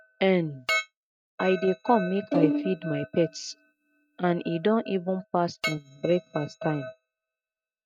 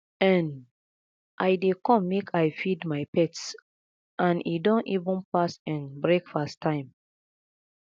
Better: second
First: noise reduction (neural mask model RNNoise)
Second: none

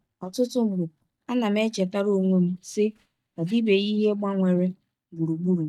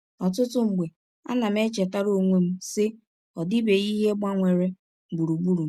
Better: second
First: noise reduction (neural mask model DeepFilterNet 3)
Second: none

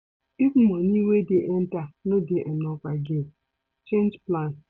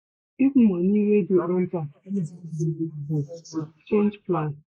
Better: first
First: none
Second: noise reduction (neural mask model Resemble Enhance denoiser)

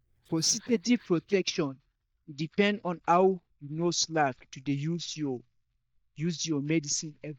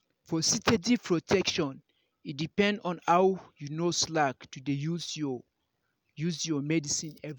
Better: second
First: noise reduction (neural mask model DeepFilterNet 3)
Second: none

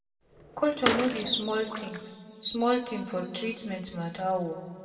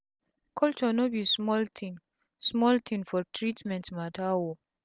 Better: second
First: background sound (Bathtub (filling or washing) / Water / Splash, splatter); 4 dB below the speech // room echo; dies away in 1.9 s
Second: none

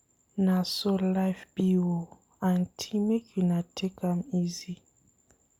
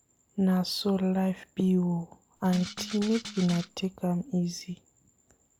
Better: first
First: none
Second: background sound (Rattle (instrument)); 12 dB below the speech

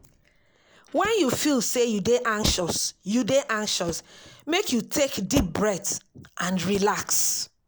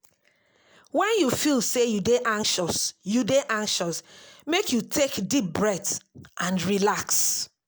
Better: second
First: background sound (Motor vehicle (road)); 13 dB below the speech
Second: none

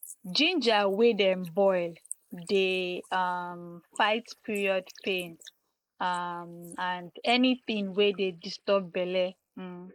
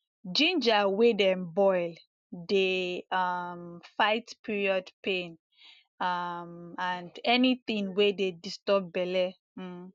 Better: second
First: noise reduction (neural mask model Resemble Enhance denoiser)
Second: none

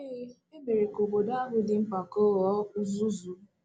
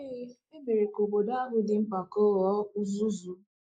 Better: first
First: none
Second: noise reduction (neural mask model Resemble Enhance denoiser)

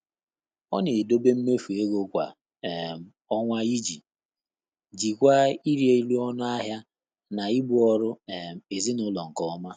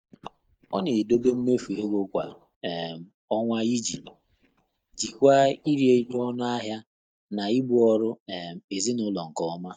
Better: first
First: none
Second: noise reduction (neural mask model DeepFilterNet 3)

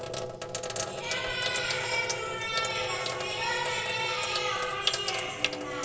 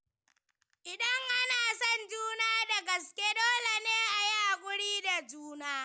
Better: second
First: background sound (Sink (filling or washing)); 2 dB below the speech // room echo; dies away in 2.1 s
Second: none

